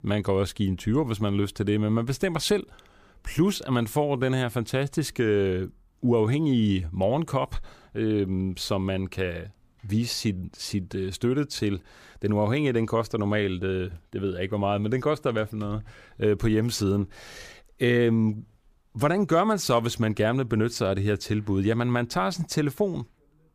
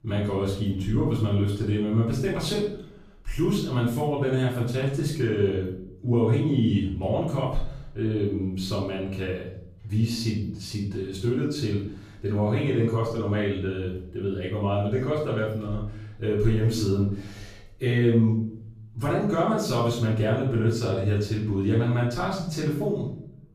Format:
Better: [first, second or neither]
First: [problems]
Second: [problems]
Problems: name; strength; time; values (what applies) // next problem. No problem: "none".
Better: first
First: none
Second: room echo; noticeable; dies away in 0.6 s // off-mic speech; far